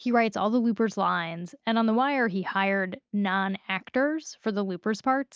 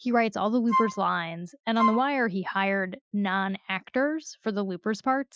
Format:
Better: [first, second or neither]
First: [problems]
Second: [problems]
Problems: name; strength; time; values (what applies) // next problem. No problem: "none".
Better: first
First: none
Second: noise reduction (classical method Wiener filter)